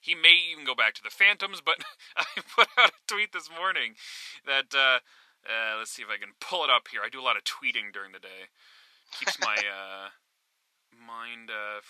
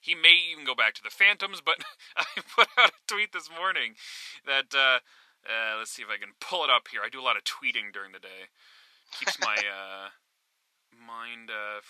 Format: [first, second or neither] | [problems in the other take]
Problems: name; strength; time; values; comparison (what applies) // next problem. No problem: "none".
neither | thin; very; fading below 1 kHz; the same in both